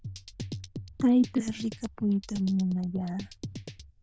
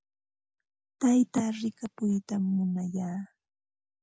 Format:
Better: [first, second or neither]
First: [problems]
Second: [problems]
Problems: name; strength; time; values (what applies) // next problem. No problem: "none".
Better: second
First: noise reduction (neural diffusion model UNIVERSE++)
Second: none